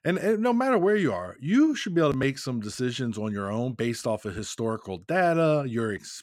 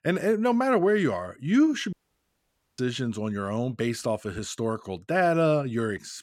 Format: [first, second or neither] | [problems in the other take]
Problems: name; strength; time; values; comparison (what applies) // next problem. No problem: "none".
first | audio cutting out; at 2 s for 1 s